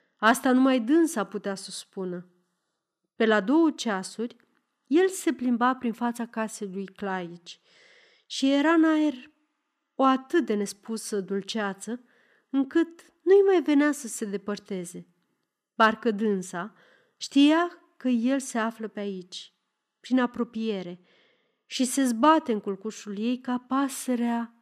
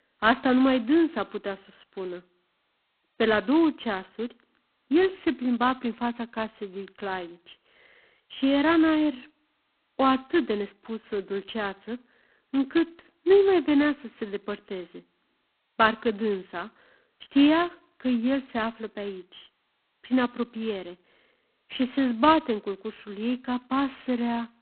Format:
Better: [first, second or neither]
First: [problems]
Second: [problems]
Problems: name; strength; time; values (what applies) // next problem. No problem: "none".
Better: first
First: none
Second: phone-call audio; poor line; nothing above 4 kHz